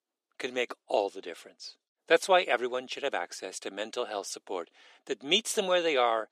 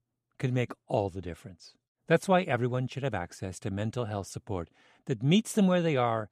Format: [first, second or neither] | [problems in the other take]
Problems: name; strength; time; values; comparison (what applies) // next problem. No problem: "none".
second | thin; very; fading below 350 Hz